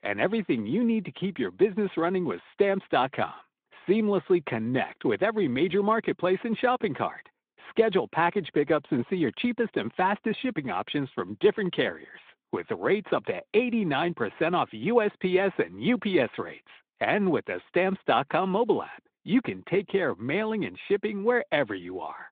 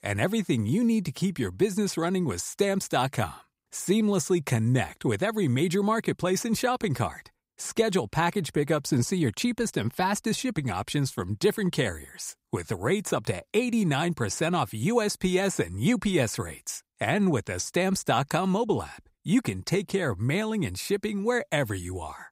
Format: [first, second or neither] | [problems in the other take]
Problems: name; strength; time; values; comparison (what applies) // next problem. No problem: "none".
second | phone-call audio; nothing above 3.5 kHz